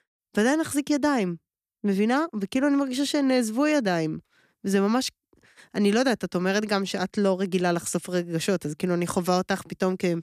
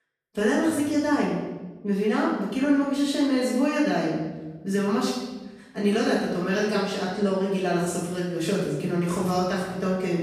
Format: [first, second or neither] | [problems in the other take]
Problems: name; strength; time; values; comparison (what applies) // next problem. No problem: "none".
first | room echo; strong; dies away in 1.1 s // off-mic speech; far